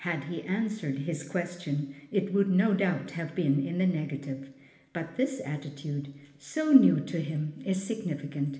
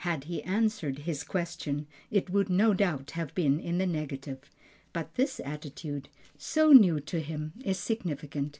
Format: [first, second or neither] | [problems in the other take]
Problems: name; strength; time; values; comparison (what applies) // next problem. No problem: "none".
second | room echo; dies away in 1.1 s